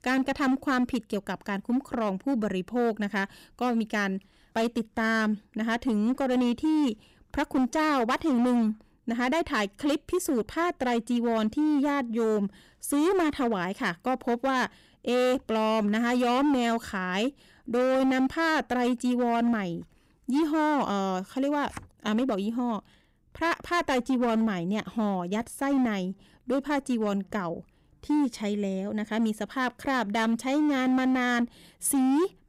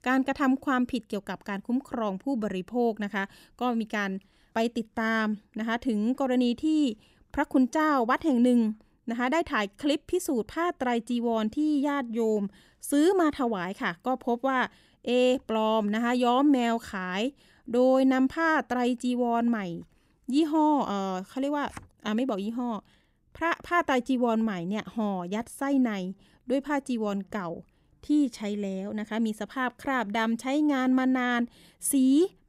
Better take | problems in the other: second | distortion; slight; 14% of the sound clipped

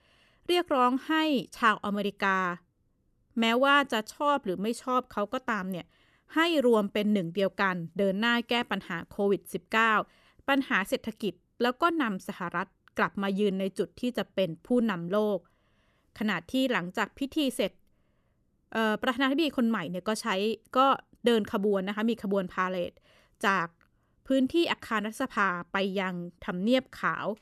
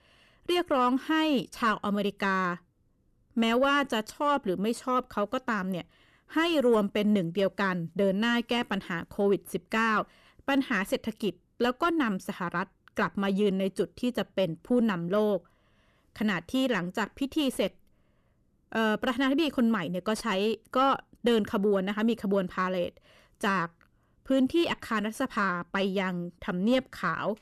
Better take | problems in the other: first | distortion; slight; 10 dB below the speech

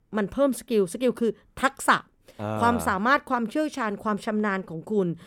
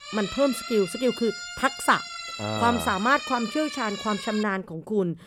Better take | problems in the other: first | siren; noticeable; until 4.5 s; peak 7 dB below the speech

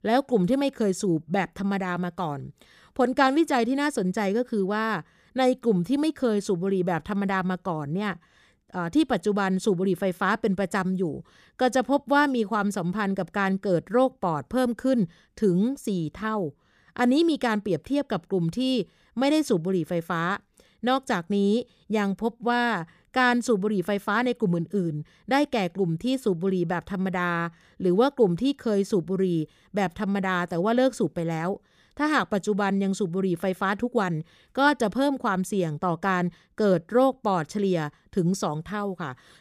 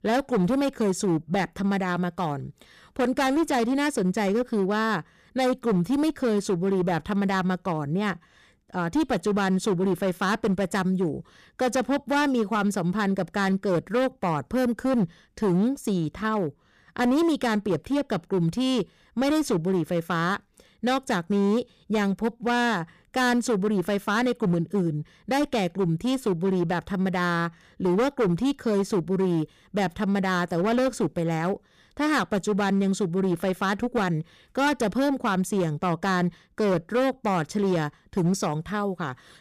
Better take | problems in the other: first | distortion; slight; 13% of the sound clipped

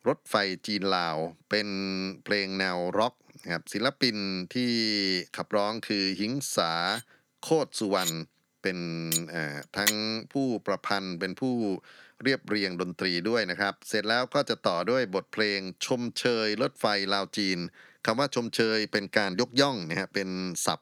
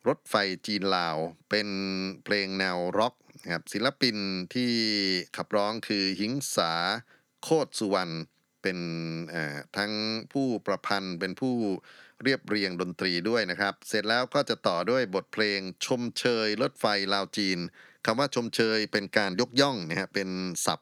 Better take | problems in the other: second | clattering dishes; loud; from 7 to 10 s; peak 1 dB above the speech

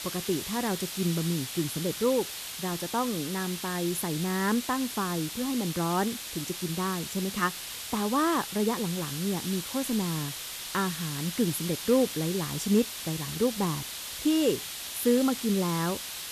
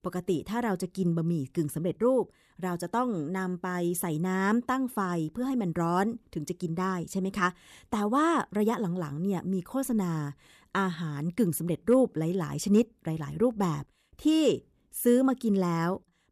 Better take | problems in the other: second | hiss; loud; throughout; 5 dB below the speech

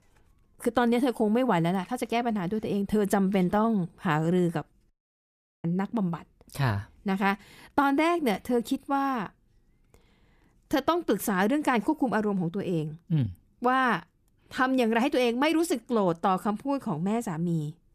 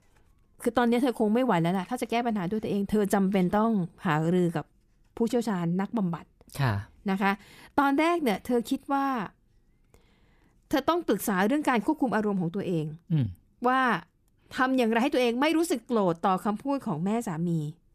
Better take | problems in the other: second | audio cutting out; at 5 s for 0.5 s

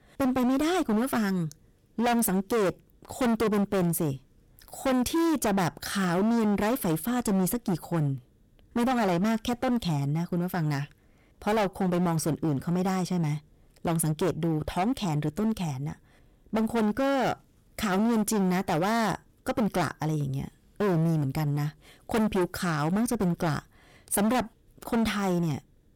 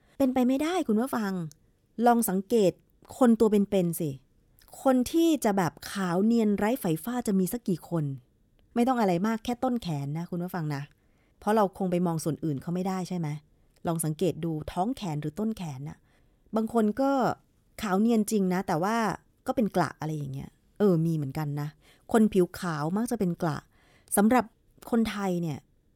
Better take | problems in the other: second | distortion; heavy; 20% of the sound clipped

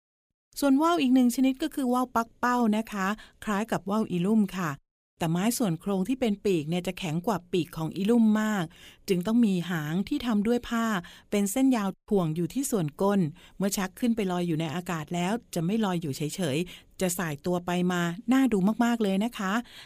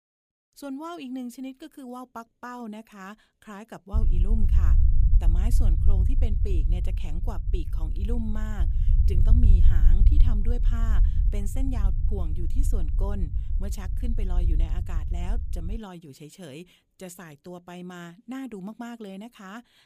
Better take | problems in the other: first | low rumble; loud; from 4 to 16 s; 5 dB below the speech

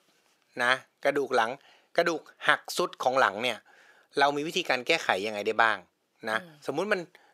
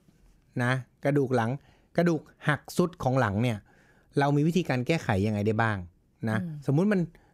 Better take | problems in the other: second | thin; very; fading below 550 Hz

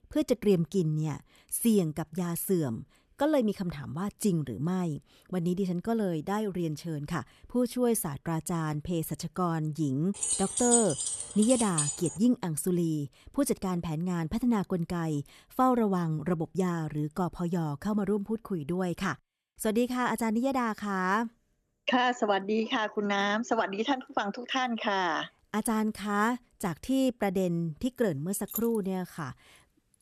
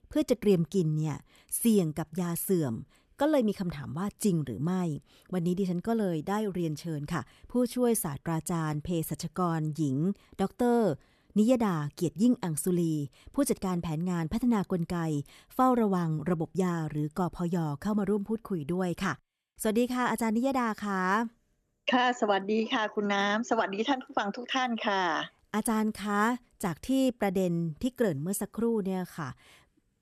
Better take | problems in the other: second | jangling keys; loud; from 10 to 12 s; peak 5 dB above the speech // jangling keys; noticeable; at 28 s; peak 7 dB below the speech

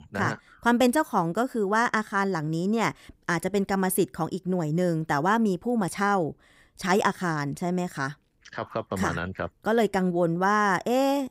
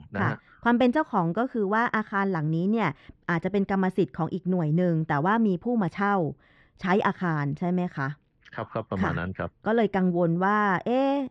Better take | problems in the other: first | muffled; slightly; fading above 3.5 kHz

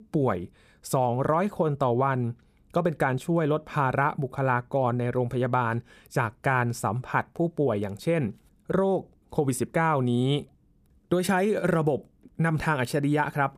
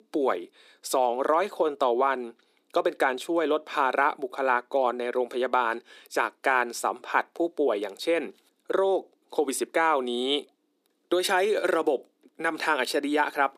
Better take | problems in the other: first | thin; somewhat; fading below 300 Hz

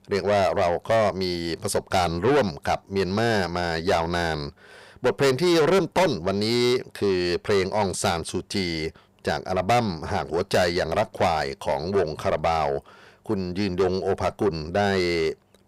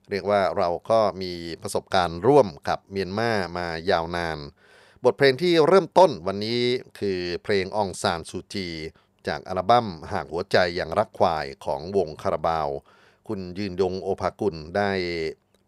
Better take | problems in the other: second | distortion; heavy; 6 dB below the speech

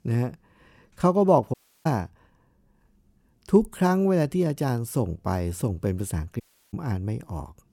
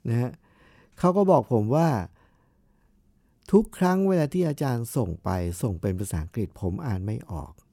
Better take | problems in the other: second | audio cutting out; at 1.5 s and at 6.5 s

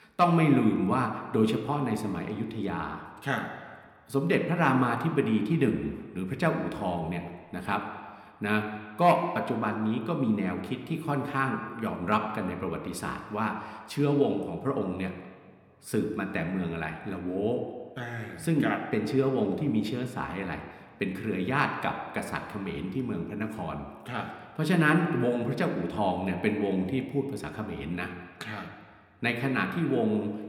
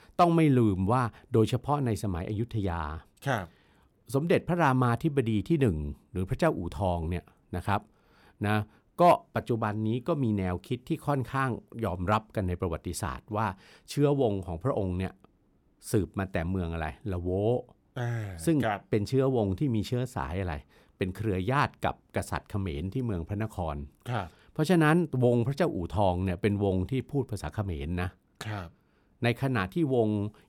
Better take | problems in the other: second | room echo; slight; dies away in 1.5 s

